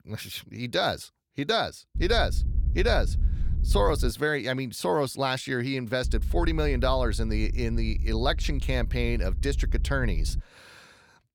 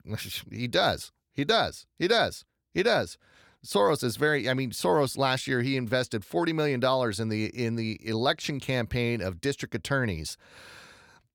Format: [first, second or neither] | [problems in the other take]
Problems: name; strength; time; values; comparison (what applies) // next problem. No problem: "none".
second | low rumble; faint; from 2 to 4 s and from 6 to 10 s; 20 dB below the speech